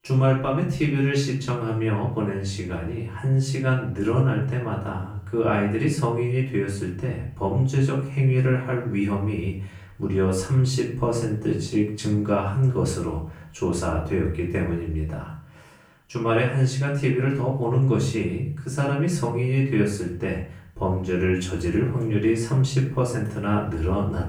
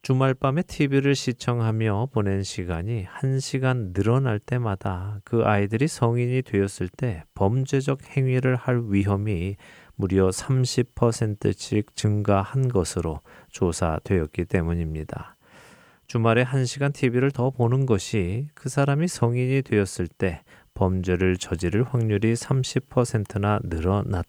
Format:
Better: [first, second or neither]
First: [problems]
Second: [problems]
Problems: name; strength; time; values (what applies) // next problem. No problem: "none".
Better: second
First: off-mic speech; far // room echo; noticeable; dies away in 0.4 s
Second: none